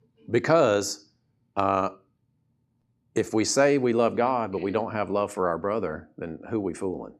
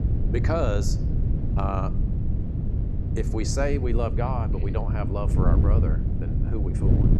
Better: first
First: none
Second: wind noise on the microphone; heavy; 6 dB below the speech

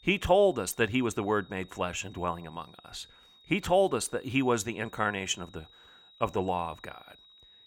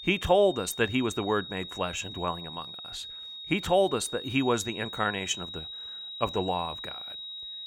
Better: first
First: high-pitched whine; faint; throughout; 4 kHz, 25 dB below the speech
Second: high-pitched whine; loud; throughout; 4 kHz, 10 dB below the speech

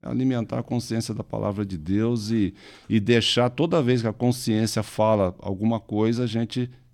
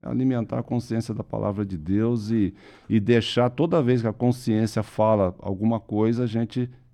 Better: first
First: none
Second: muffled; slightly; fading above 2.5 kHz

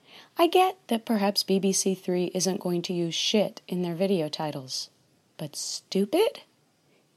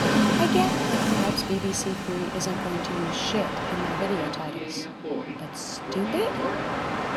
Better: first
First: none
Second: train or aircraft noise; very loud; throughout; 2 dB above the speech

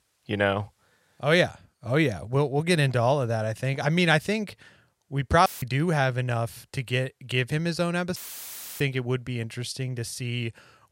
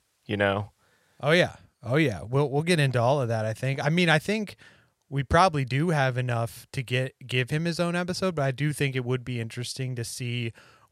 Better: second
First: audio cutting out; filled with static; at 5.5 s and at 8 s for 0.5 s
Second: none

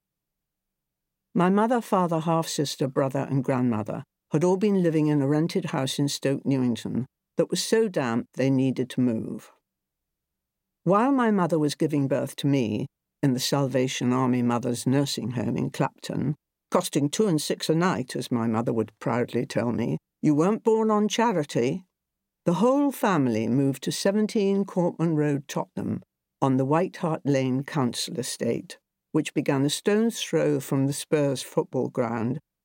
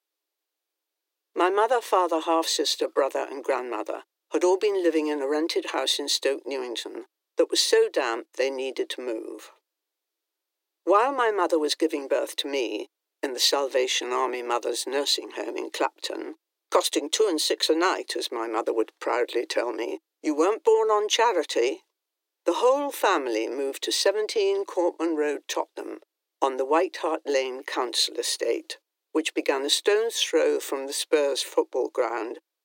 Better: first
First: none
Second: thin; very; fading below 300 Hz

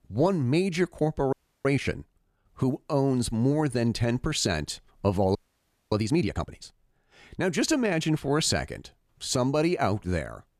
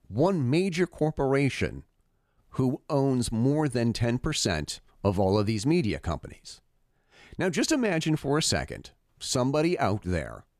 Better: second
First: audio freezing; at 1.5 s and at 5.5 s for 0.5 s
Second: none

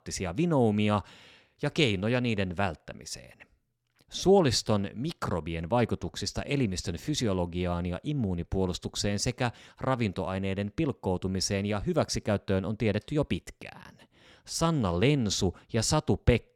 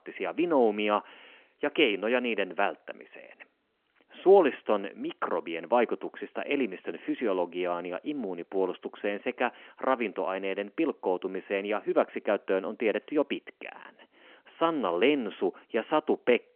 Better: first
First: none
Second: phone-call audio

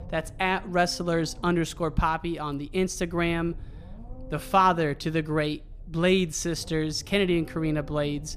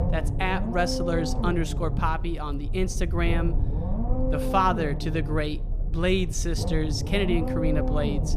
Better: first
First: low rumble; faint; throughout; 25 dB below the speech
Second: low rumble; loud; throughout; 7 dB below the speech

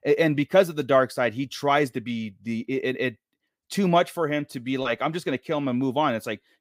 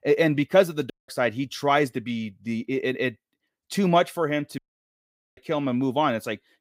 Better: first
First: none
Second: audio cutting out; at 1 s and at 4.5 s for 1 s

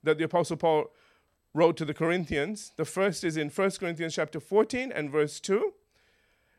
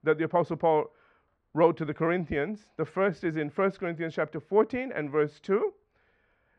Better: first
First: none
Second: muffled; very; fading above 2 kHz

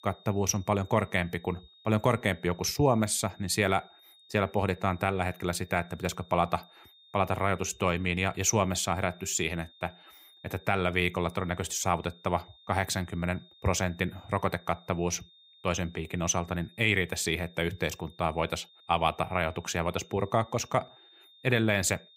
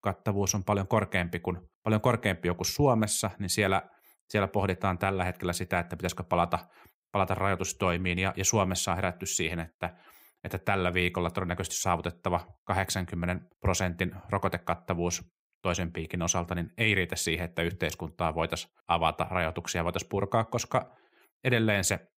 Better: second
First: high-pitched whine; faint; throughout; 3.5 kHz, 25 dB below the speech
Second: none

